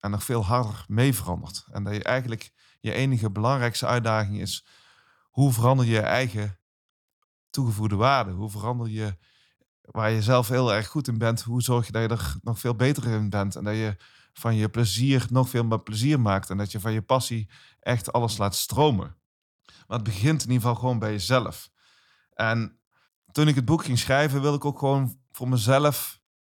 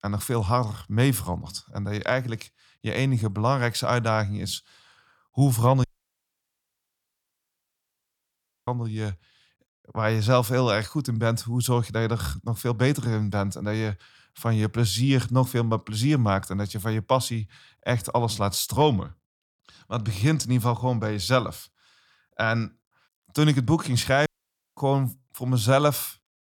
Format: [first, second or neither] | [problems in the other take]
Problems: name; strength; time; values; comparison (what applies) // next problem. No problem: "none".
first | audio cutting out; at 6 s for 3 s and at 24 s for 0.5 s